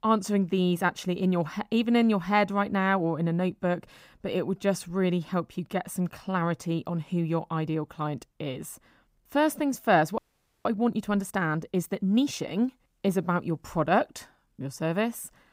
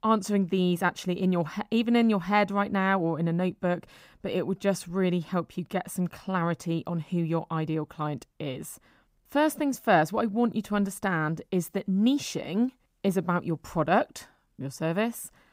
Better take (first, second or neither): second